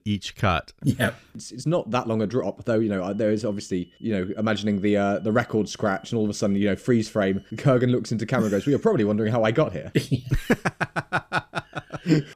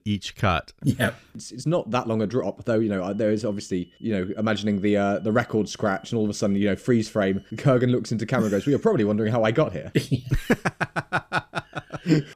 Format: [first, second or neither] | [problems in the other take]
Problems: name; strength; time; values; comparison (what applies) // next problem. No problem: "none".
neither | high-pitched whine; faint; from 3 to 7.5 s; 3 kHz, 35 dB below the speech; the same in both